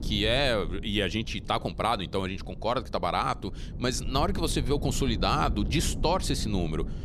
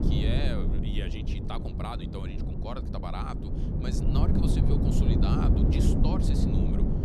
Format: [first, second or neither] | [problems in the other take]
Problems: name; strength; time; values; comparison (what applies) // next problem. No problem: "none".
first | wind noise on the microphone; heavy; 2 dB above the speech; occasional gusts in the first